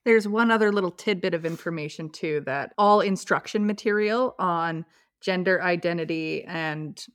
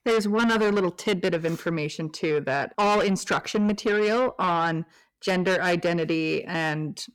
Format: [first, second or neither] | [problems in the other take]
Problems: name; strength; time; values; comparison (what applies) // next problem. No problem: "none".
first | distortion; heavy; 8 dB below the speech